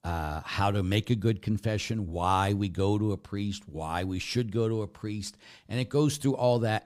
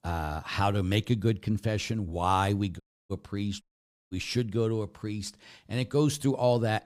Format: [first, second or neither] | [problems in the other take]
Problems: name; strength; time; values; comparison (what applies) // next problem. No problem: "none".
first | audio cutting out; at 3 s and at 3.5 s